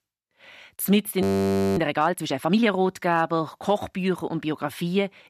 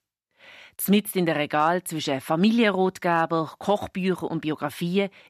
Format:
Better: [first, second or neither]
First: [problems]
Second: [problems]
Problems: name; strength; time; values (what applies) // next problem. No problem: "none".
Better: second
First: audio freezing; at 1 s for 0.5 s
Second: none